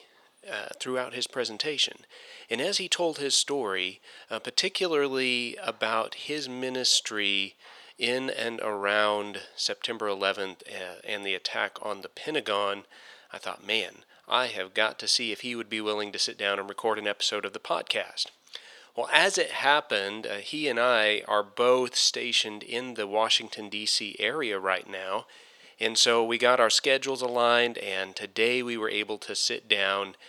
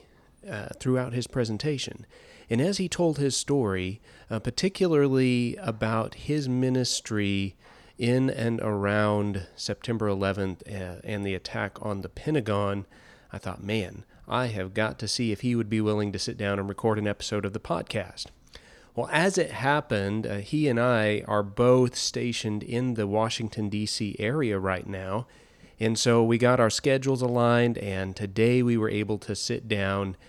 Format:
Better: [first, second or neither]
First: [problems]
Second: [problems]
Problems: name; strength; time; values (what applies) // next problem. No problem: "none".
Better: second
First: thin; somewhat; fading below 550 Hz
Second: none